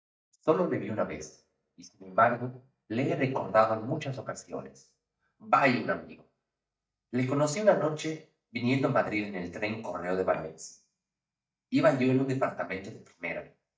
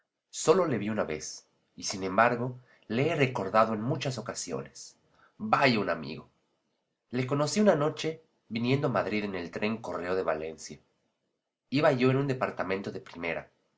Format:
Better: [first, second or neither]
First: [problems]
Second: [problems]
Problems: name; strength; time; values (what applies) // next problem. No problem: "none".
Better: second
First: noise reduction (neural mask model DeepFilterNet 3)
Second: none